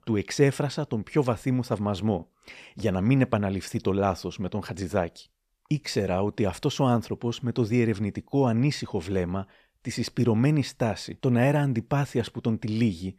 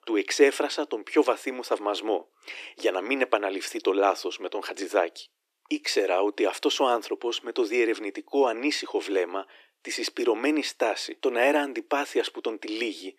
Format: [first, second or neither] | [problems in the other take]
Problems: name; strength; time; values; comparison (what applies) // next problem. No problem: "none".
first | thin; very; fading below 300 Hz